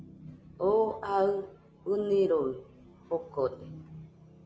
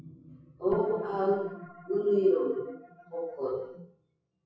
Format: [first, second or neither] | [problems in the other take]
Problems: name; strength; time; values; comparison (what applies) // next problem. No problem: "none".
first | noise reduction (classical method WPE with log-MMSE)